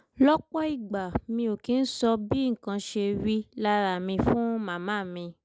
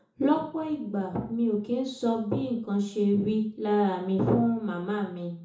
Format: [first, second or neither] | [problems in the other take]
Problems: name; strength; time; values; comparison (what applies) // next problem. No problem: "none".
first | room echo; dies away in 0.7 s